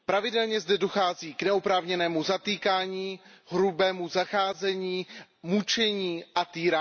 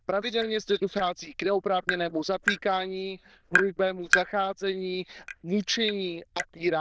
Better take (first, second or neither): first